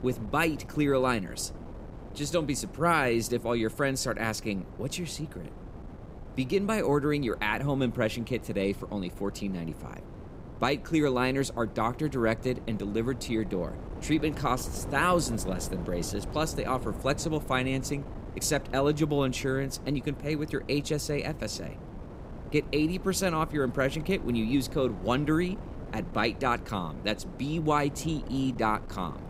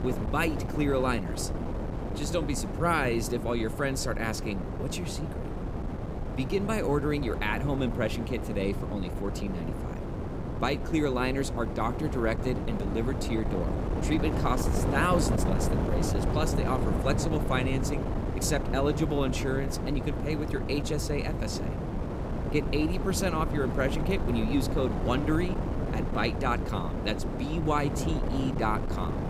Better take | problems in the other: first | wind noise on the microphone; heavy; 5 dB below the speech; occasional gusts in the first

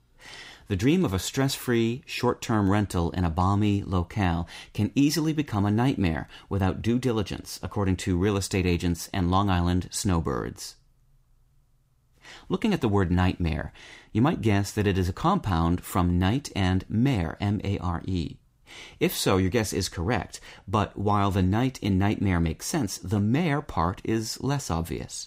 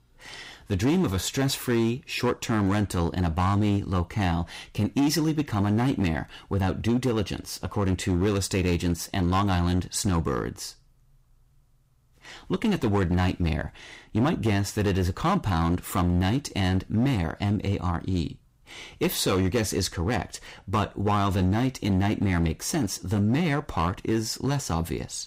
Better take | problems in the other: first | distortion; slight; 8% of the sound clipped

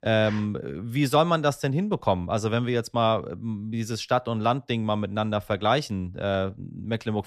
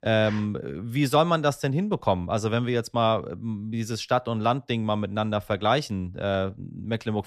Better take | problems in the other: neither | none

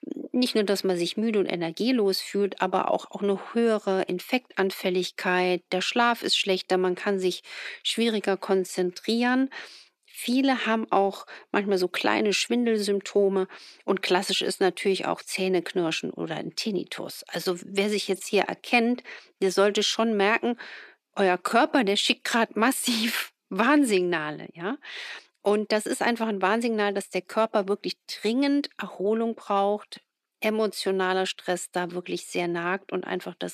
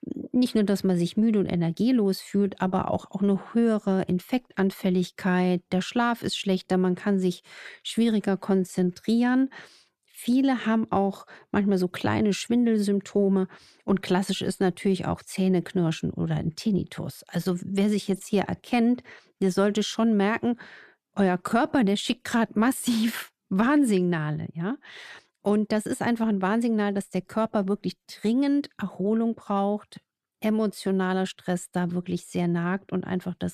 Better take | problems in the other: second | thin; somewhat; fading below 300 Hz

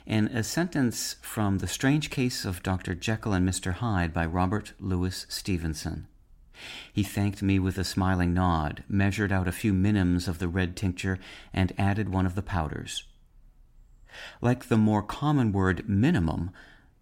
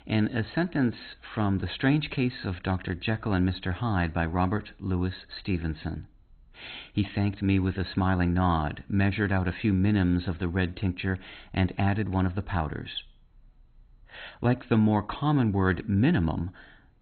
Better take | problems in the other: first | garbled, watery; badly; nothing above 4 kHz

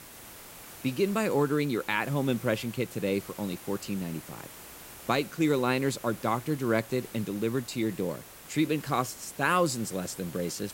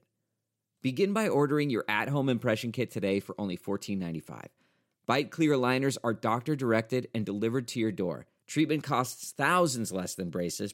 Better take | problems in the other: second | hiss; noticeable; throughout; 15 dB below the speech

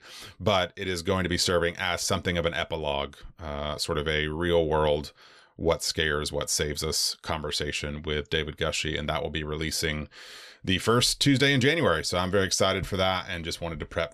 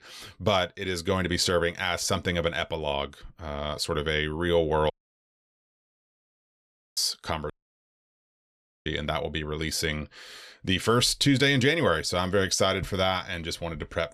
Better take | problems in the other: first | audio cutting out; at 5 s for 2 s and at 7.5 s for 1.5 s

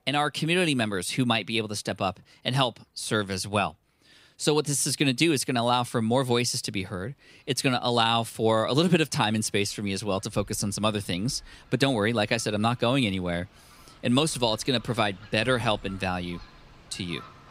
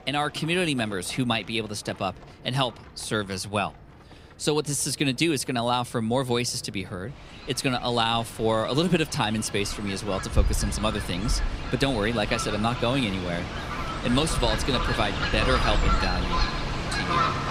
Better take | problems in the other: first | animal sounds; loud; throughout; 3 dB below the speech; faint in the first

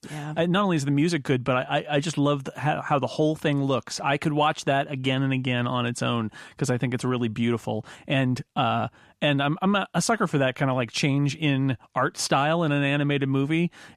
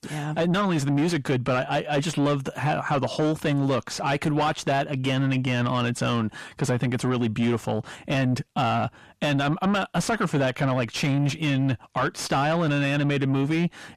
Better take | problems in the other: first | distortion; slight; 10 dB below the speech

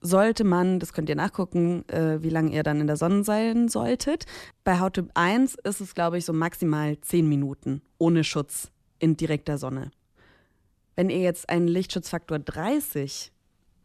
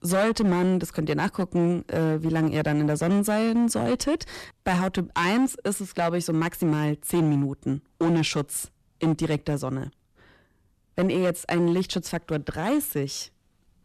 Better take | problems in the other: first | distortion; slight; 9% of the sound clipped

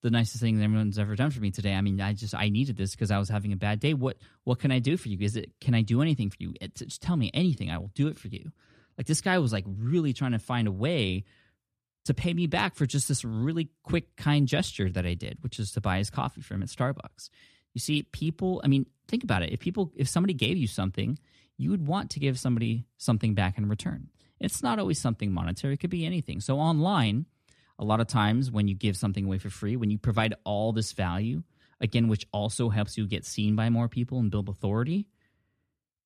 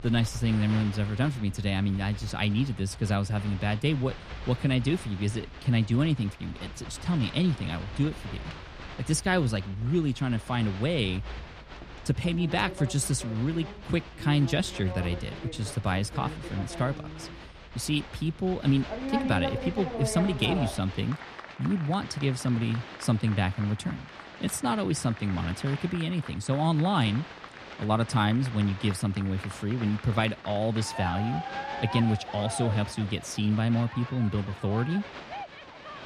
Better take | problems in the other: first | crowd noise; noticeable; throughout; 10 dB below the speech

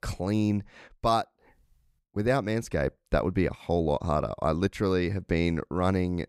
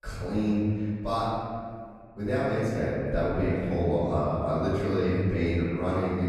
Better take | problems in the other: first | room echo; strong; dies away in 2 s // off-mic speech; far

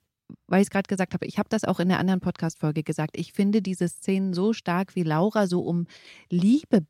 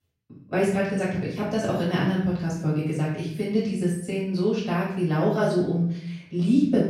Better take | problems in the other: first | off-mic speech; far // room echo; noticeable; dies away in 0.7 s

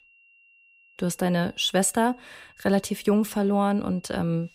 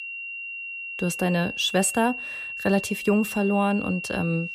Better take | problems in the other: first | high-pitched whine; loud; throughout; 2.5 kHz, 7 dB below the speech; faint in the first

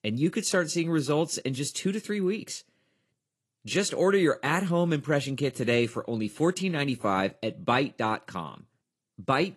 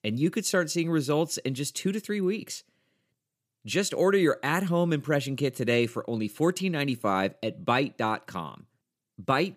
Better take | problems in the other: second | garbled, watery; slightly; nothing above 11.5 kHz

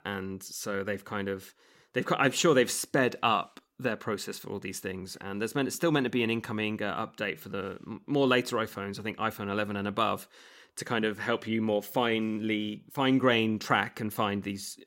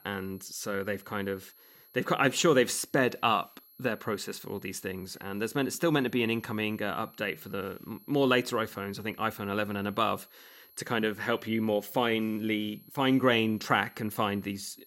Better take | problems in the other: first | high-pitched whine; faint; throughout; 11.5 kHz, 25 dB below the speech

